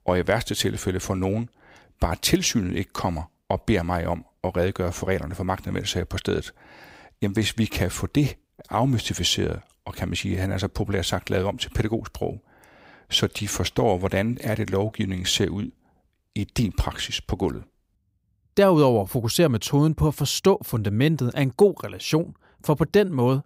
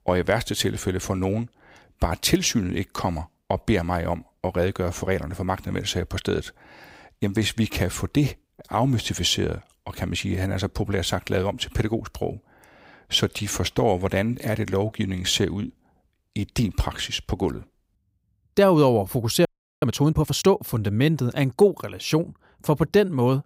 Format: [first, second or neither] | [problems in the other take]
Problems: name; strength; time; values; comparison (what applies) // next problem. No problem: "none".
first | audio freezing; at 19 s